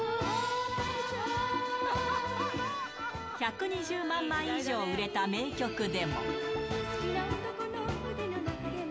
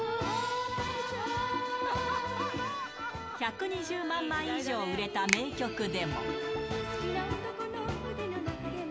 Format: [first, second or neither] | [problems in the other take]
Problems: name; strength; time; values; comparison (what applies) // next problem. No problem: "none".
first | background sound (Finger snapping); 6 dB below the speech